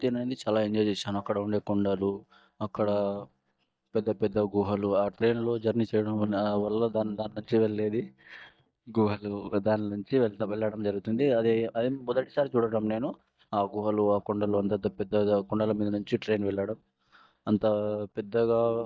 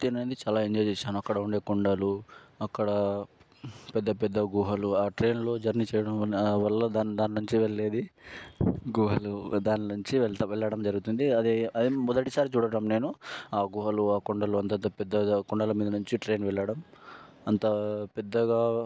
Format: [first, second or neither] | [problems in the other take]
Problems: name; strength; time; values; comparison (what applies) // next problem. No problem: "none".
second | noise reduction (neural mask model DeepFilterNet 3)